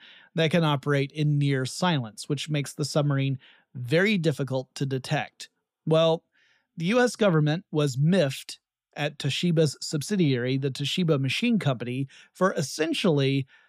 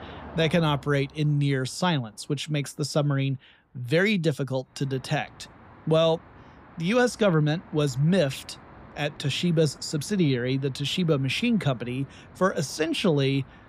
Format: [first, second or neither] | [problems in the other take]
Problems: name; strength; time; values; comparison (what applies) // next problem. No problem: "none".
first | traffic noise; faint; throughout; 25 dB below the speech